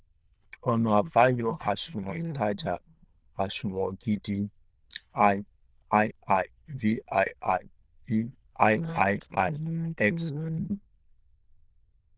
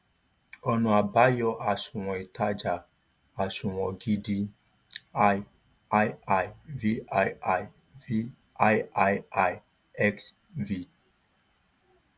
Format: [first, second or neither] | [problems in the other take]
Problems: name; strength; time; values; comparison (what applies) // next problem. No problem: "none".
second | noise reduction (neural diffusion model UNIVERSE++)